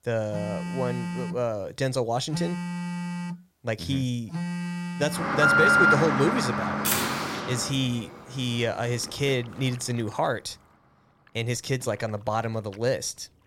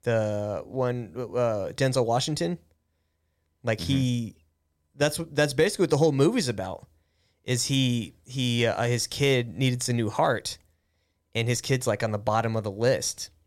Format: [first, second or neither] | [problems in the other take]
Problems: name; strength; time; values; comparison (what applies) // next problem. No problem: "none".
second | alarms or sirens; very loud; throughout; 2 dB above the speech